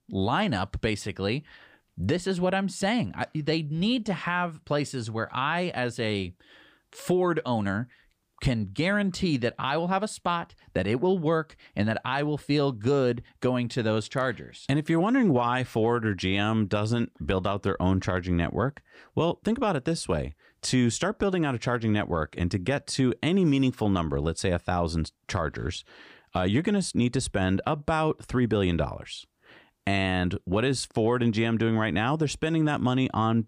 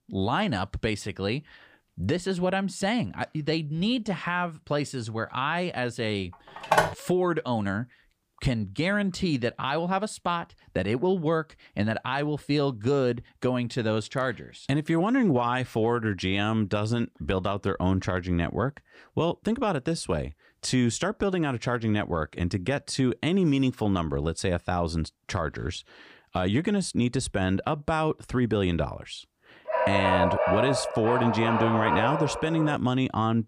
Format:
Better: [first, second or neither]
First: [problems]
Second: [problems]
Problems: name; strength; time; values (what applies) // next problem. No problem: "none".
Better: first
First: none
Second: phone ringing; loud; at 6.5 s; peak 4 dB above the speech // dog barking; loud; from 30 to 33 s; peak 3 dB above the speech